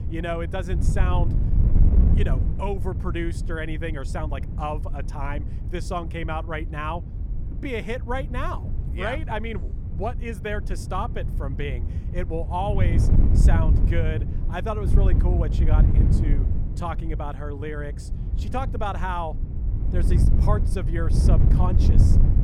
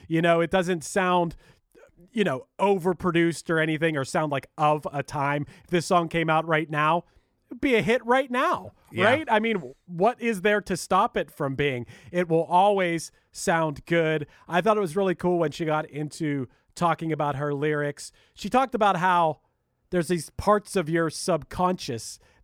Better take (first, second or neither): second